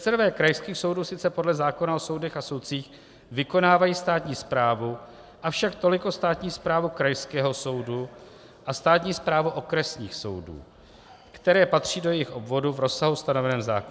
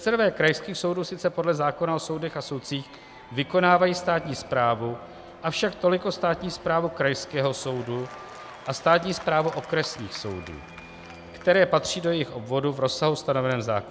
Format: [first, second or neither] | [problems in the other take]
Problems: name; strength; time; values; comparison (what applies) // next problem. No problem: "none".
first | background sound (Bowed string instrument + Applause / Crowd / Cheering); 20 dB below the speech